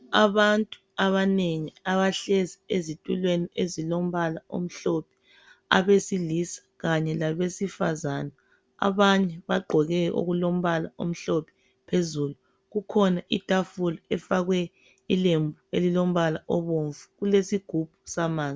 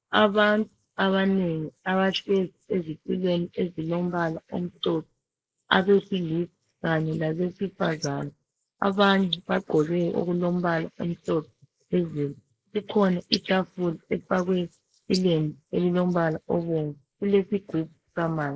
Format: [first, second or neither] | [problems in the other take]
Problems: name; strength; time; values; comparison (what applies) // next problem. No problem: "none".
first | noise reduction (neural mask model Resemble Enhance denoiser)